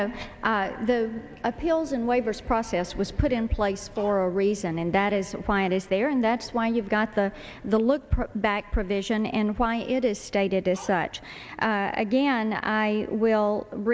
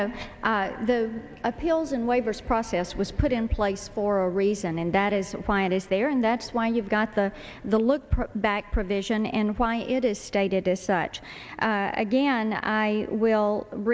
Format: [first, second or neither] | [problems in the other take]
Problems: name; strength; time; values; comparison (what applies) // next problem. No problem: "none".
second | background sound (Dog); 19 dB below the speech